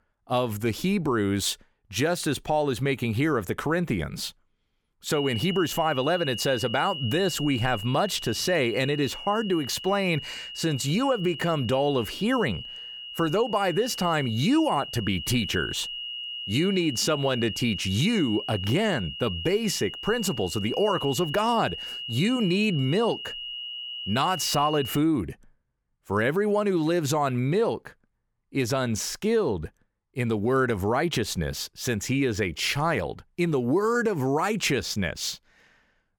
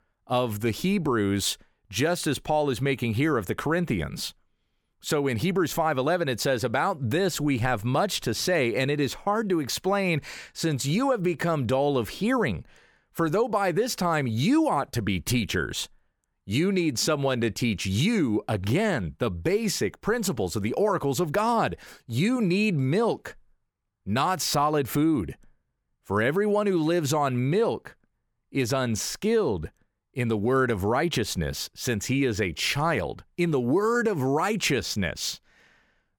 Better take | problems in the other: second | high-pitched whine; loud; from 5 to 25 s; 3 kHz, 8 dB below the speech

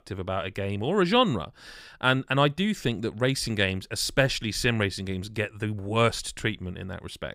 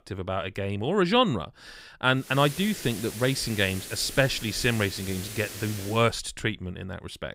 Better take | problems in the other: first | hiss; noticeable; from 2.5 to 6 s; 10 dB below the speech

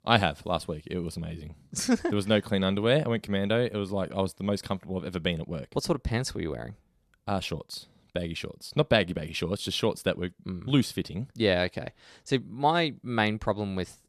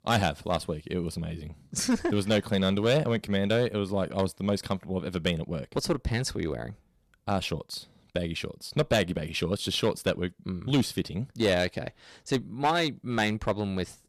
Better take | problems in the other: first | distortion; slight; 4% of the sound clipped

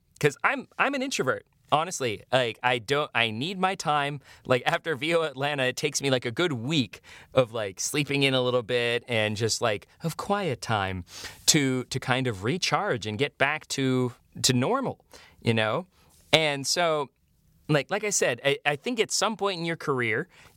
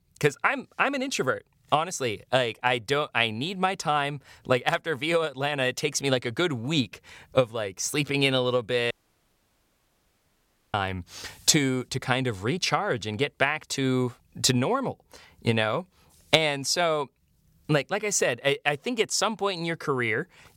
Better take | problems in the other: first | audio cutting out; at 9 s for 2 s

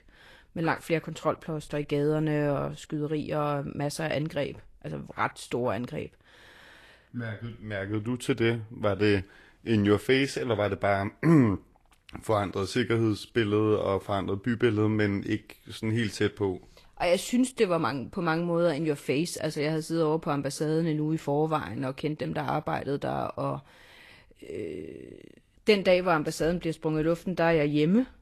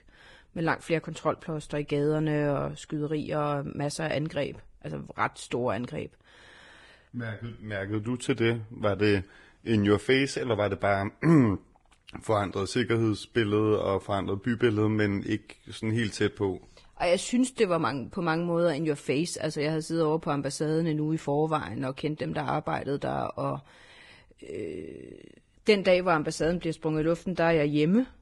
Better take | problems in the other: first | garbled, watery; badly; nothing above 10.5 kHz; slightly in the first

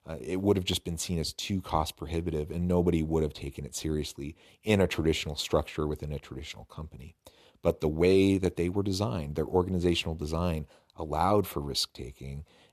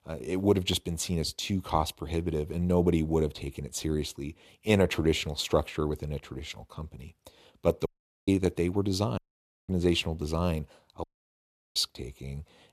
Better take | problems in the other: first | audio cutting out; at 8 s, at 9 s for 0.5 s and at 11 s for 0.5 s

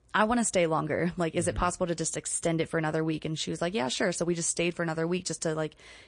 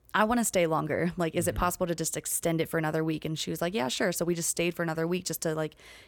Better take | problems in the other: second | garbled, watery; slightly; nothing above 9 kHz

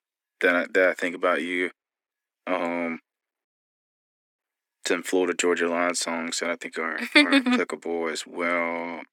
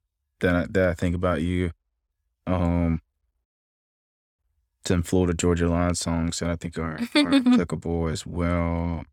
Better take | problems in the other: second | thin; somewhat; fading below 250 Hz

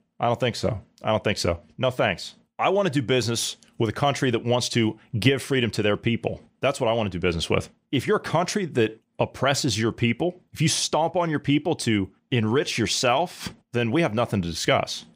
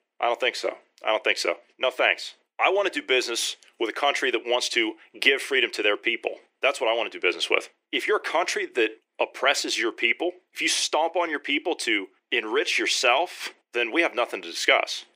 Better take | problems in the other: first | thin; very; fading below 350 Hz

